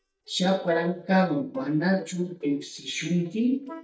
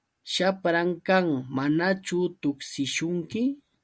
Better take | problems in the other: second | noise reduction (neural mask model DeepFilterNet 3)

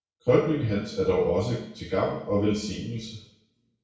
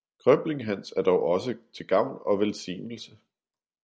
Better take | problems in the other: second | room echo; dies away in 0.6 s

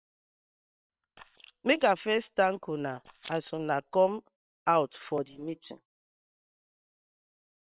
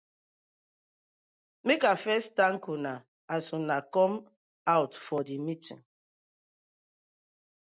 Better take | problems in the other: second | noise reduction (neural separator model SepFormer WHAM!)

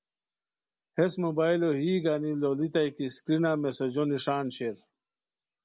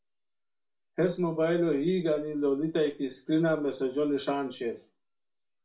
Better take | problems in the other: first | room echo; dies away in 0.3 s

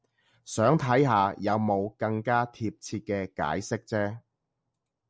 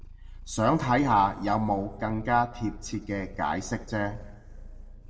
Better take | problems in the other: first | background sound (Purr); 14 dB below the speech // room echo; dies away in 1.4 s

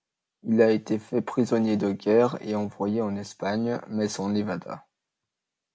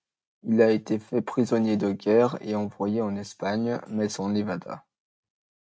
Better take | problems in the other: first | noise reduction (neural mask model RNNoise)

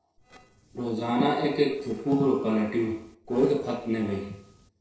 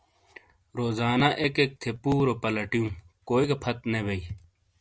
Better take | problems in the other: second | noise reduction (neural separator model SepFormer DNS4)

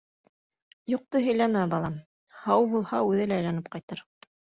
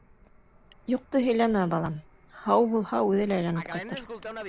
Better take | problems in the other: first | background sound (Fixed-wing aircraft, airplane); 16 dB below the speech

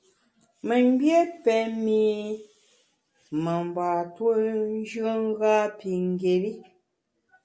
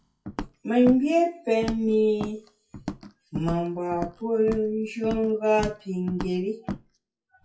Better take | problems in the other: first | noise reduction (classical method WPE with log-MMSE)

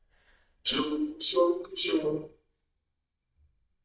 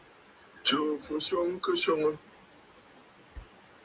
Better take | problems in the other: second | noise reduction (neural mask model DeepFilterNet 3)

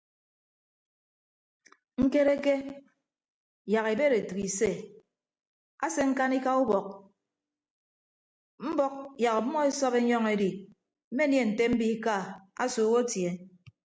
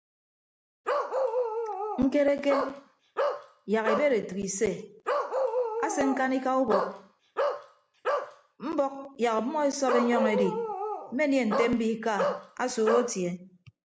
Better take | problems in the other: first | background sound (Bark); 2 dB below the speech

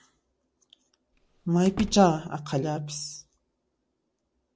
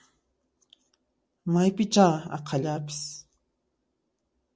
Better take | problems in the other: second | background sound (Slam); 14 dB below the speech

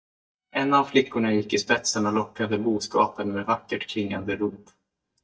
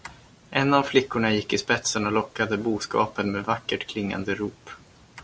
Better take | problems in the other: second | noise reduction (neural mask model DeepFilterNet 3)

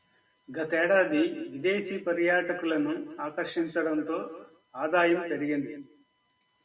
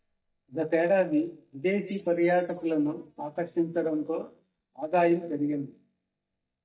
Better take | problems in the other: first | noise reduction (neural mask model DeepFilterNet 3)

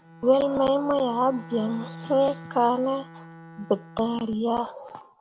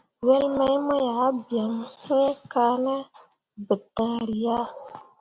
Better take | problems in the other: second | background sound (Bowed string instrument); 18 dB below the speech

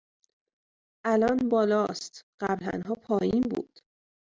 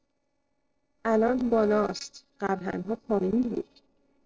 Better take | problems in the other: first | noise reduction (neural separator model SepFormer DNS4)

